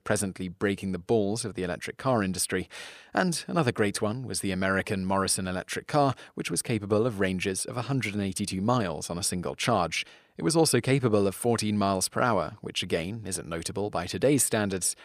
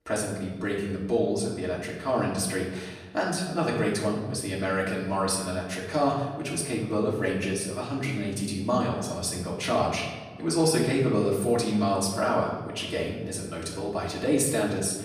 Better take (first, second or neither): first